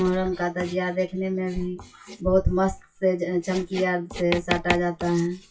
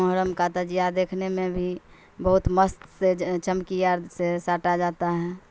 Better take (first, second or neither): second